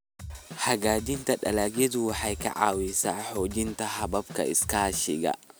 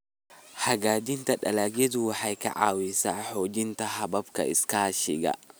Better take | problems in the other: second | background sound (Drum kit); 13 dB below the speech

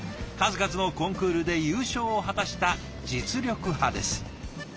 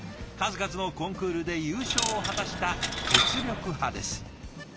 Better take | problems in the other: first | background sound (Coin (dropping)); 3 dB above the speech

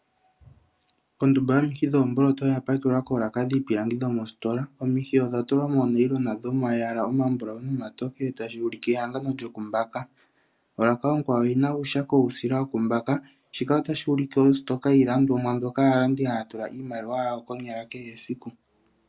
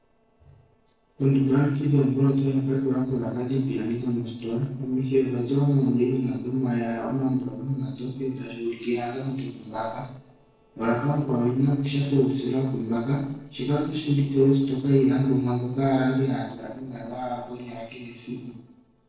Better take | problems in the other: first | noise reduction (neural separator model SepFormer DNS4)

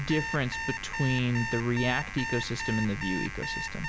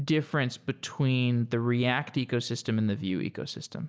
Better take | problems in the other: second | background sound (Alarm); 5 dB below the speech

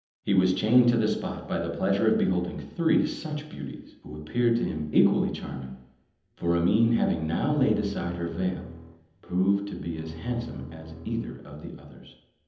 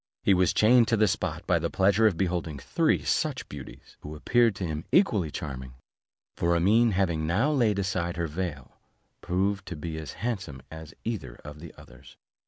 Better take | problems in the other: second | background sound (Bowed string instrument); 16 dB below the speech // room echo; dies away in 0.9 s

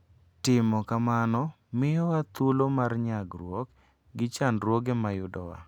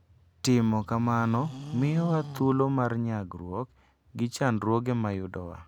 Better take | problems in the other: first | background sound (Livestock, farm animals, working animals); 14 dB below the speech

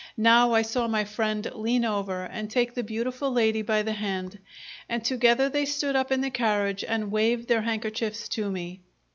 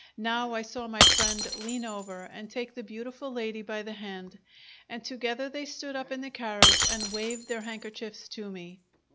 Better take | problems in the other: first | background sound (Shatter); 5 dB above the speech

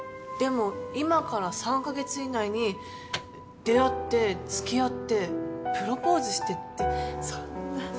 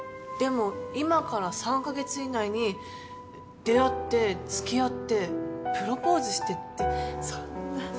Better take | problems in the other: second | background sound (Microwave oven); 15 dB below the speech

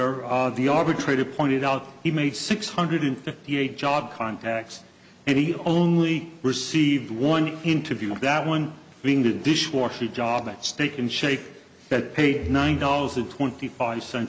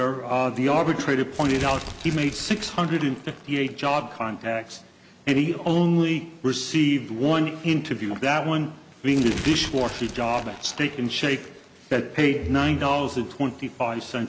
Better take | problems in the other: first | background sound (Crumpling, crinkling); 14 dB below the speech

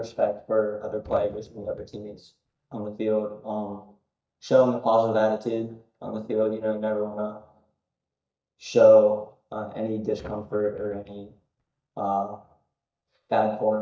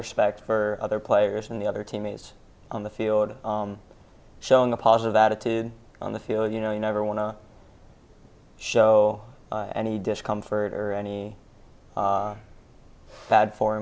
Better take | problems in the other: second | noise reduction (neural mask model DeepFilterNet 3)

